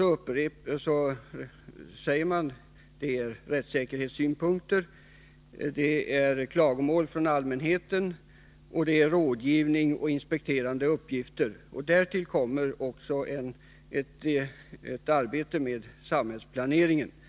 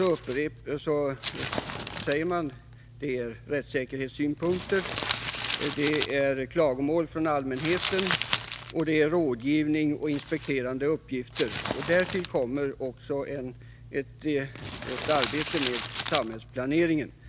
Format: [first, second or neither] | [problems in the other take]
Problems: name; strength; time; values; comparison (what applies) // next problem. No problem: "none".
first | background sound (Crumpling, crinkling); 9 dB below the speech